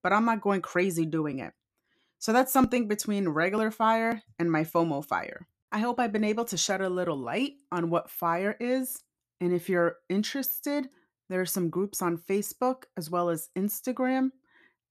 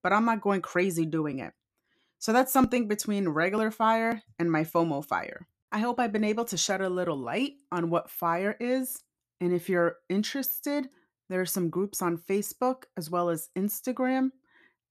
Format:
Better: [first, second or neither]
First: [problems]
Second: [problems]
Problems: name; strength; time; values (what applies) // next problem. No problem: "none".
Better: neither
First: none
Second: none